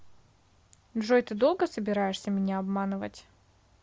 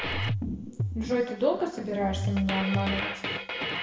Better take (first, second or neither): first